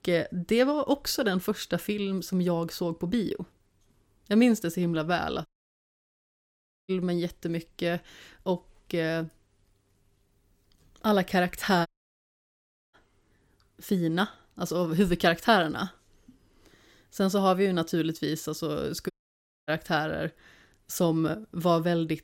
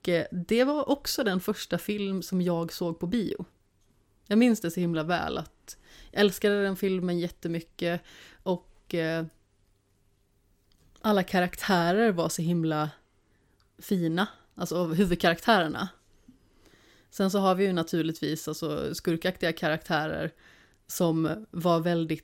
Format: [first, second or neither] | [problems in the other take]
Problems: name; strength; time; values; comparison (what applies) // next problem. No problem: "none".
second | audio cutting out; at 5.5 s for 1.5 s, at 12 s for 1 s and at 19 s for 0.5 s